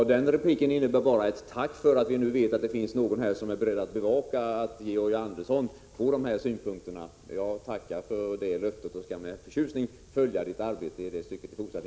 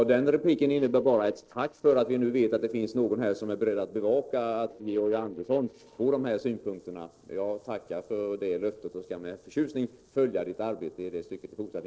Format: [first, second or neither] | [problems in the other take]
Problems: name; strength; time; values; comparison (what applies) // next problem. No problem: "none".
first | noise reduction (neural separator model SepFormer DNS4)